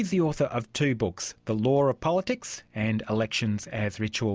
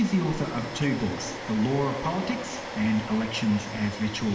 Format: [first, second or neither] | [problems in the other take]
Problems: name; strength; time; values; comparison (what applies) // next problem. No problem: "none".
first | background sound (Domestic sounds, home sounds); 10 dB below the speech // room echo; dies away in 2 s